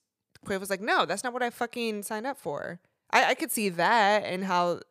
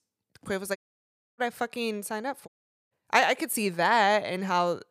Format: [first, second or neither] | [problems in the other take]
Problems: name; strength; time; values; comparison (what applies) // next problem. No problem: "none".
first | audio cutting out; at 1 s for 0.5 s and at 2.5 s